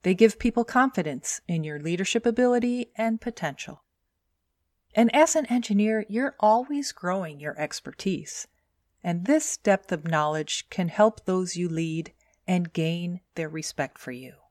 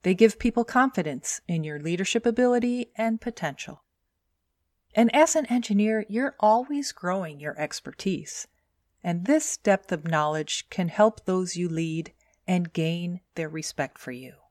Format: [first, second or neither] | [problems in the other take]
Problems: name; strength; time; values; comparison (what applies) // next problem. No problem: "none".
neither | none